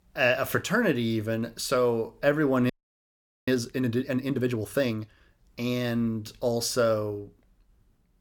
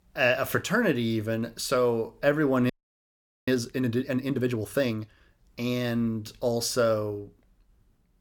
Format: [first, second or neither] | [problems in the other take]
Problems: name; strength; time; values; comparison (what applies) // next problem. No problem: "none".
neither | audio freezing; at 2.5 s for 1 s; the same in both